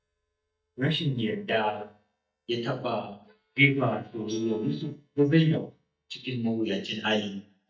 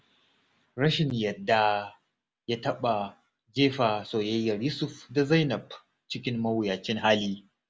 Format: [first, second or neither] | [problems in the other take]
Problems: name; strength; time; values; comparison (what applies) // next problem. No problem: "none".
second | noise reduction (neural mask model DeepFilterNet 3)